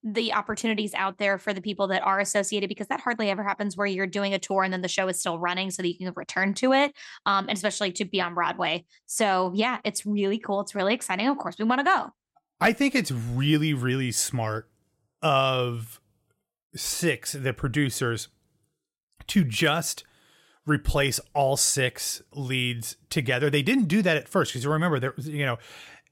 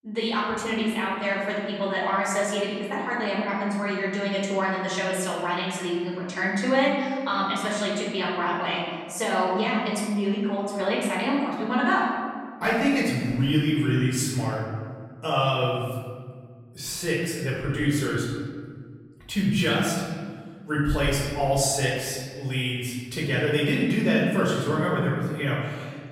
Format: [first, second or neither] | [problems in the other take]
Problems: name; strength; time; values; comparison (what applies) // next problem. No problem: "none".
first | off-mic speech; far // room echo; noticeable; dies away in 1.7 s